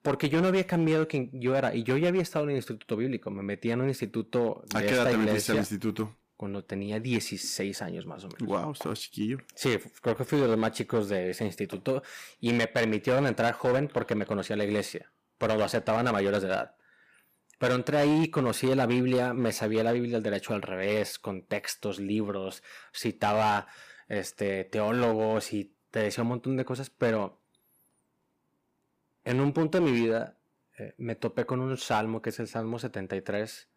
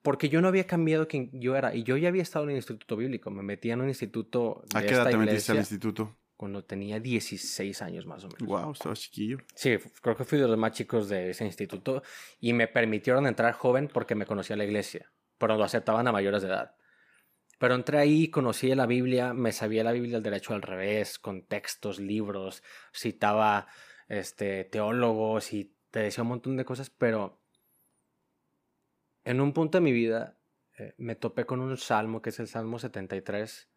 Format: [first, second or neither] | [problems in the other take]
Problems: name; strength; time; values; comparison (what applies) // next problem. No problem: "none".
second | distortion; slight; 6% of the sound clipped